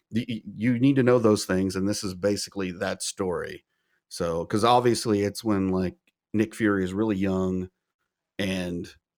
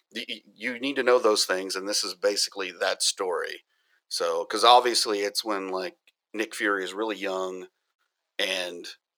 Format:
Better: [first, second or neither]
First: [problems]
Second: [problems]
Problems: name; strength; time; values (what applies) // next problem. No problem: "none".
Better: first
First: none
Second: thin; very; fading below 500 Hz